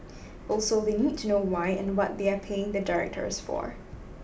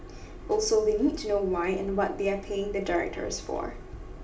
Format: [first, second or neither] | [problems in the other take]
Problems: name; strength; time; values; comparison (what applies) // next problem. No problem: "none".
first | room echo; dies away in 0.5 s